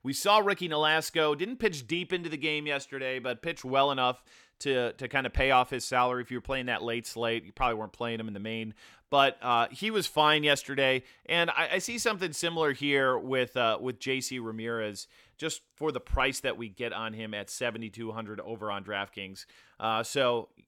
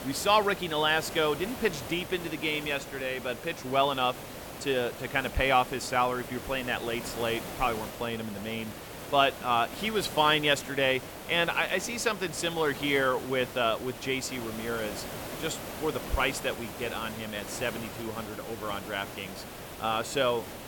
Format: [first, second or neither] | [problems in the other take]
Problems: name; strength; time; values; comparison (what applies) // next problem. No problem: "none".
first | hiss; noticeable; throughout; 10 dB below the speech